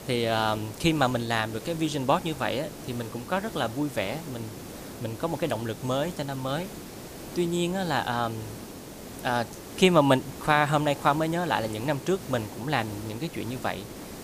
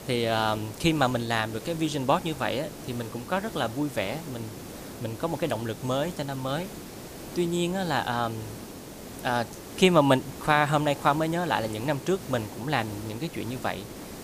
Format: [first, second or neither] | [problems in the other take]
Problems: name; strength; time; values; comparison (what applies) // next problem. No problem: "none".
neither | hiss; noticeable; throughout; 15 dB below the speech; the same in both